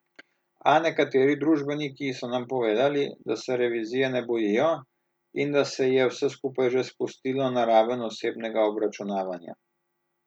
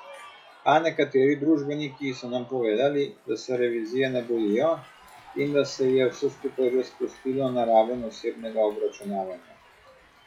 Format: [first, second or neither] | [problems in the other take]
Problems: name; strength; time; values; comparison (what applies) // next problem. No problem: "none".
first | noise reduction (classical method log-MMSE)